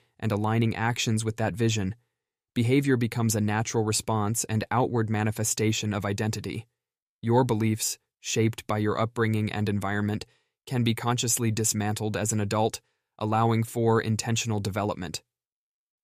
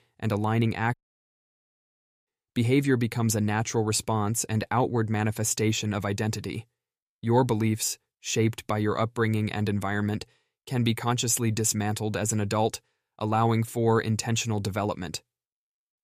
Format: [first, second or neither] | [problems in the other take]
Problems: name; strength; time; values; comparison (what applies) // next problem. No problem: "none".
first | audio cutting out; at 1 s for 1.5 s